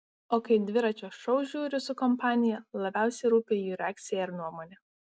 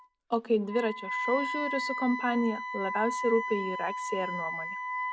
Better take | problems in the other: first | background sound (Wind instrument, woodwind instrument); 4 dB below the speech

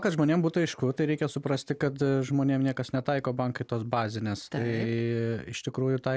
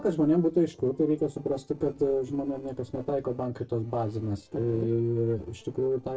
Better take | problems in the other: first | noise reduction (neural separator model SepFormer DNS4)

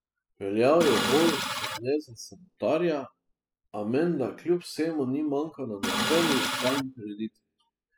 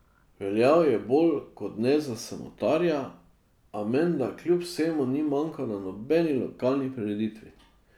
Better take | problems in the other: second | noise reduction (classical method spectral subtraction)

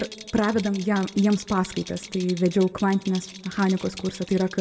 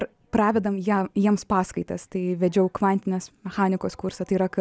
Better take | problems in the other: second | background sound (Rattle); 17 dB below the speech // room echo; dies away in 1.1 s

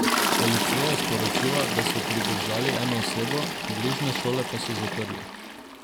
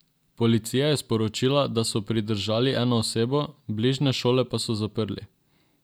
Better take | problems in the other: second | background sound (Toilet flush); 3 dB above the speech

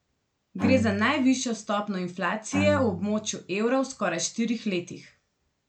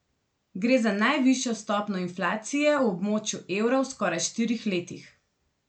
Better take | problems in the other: second | background sound (Bowed string instrument); 7 dB below the speech

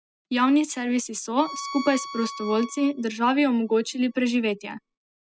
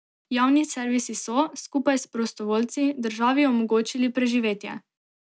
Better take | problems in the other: second | noise reduction (classical method spectral subtraction)

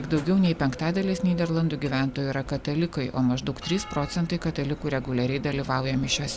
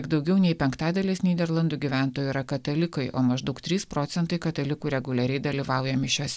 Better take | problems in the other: second | background sound (Bell); 14 dB below the speech

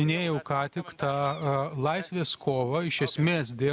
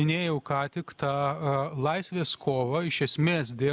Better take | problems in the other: second | background sound (Gull, seagull); 19 dB below the speech

